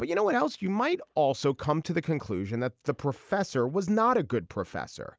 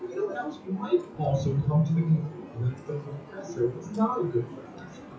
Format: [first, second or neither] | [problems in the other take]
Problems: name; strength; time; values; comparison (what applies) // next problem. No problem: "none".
first | noise reduction (classical method WPE with log-MMSE)